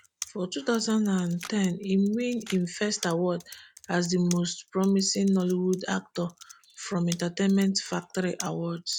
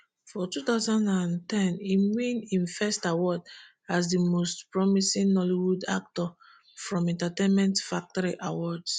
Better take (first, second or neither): second